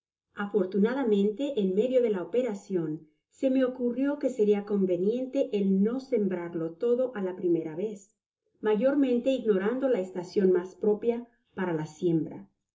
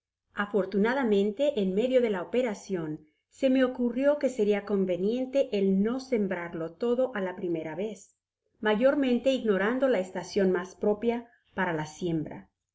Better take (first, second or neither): second